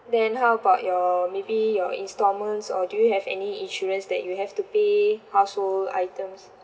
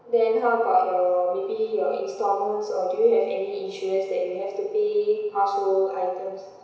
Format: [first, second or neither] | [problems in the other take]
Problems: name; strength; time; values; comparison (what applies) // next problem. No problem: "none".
first | room echo; dies away in 1 s